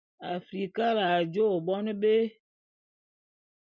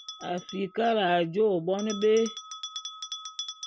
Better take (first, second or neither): first